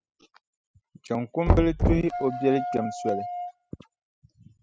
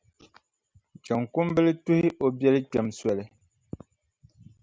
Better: second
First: noise reduction (classical method spectral subtraction)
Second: none

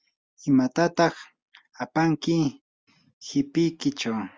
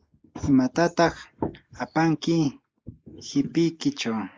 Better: first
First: none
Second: noise reduction (neural mask model Resemble Enhance denoiser)

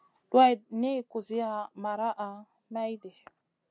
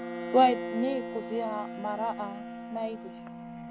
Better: first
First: none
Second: background sound (Bowed string instrument + Wind instrument, woodwind instrument); 7 dB below the speech

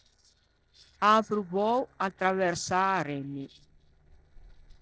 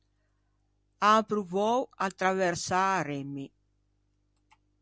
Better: second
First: noise reduction (neural separator model SepFormer DNS4)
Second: none

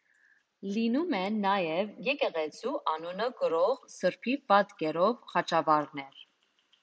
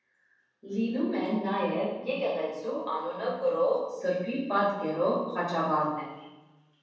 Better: first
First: none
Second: room echo; dies away in 1.1 s

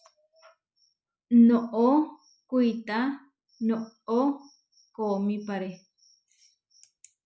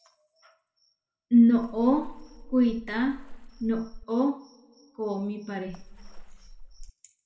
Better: first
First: none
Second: background sound (Water / Splash, splatter); 14 dB below the speech // room echo; dies away in 0.9 s

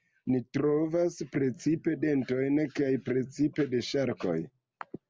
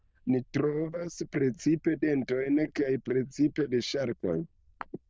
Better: first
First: none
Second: noise reduction (neural diffusion model UNIVERSE++)

